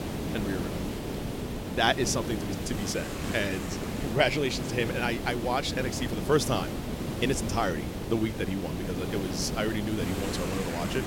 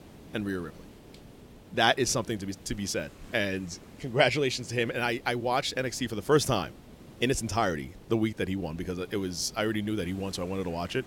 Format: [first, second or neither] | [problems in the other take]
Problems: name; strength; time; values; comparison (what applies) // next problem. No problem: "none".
second | hiss; loud; throughout; 4 dB below the speech; faint in the second